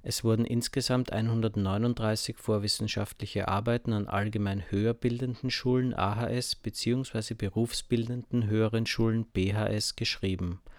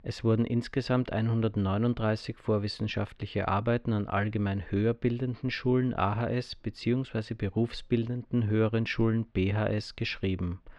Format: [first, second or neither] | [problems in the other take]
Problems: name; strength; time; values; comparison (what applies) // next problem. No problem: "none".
first | muffled; slightly; fading above 2.5 kHz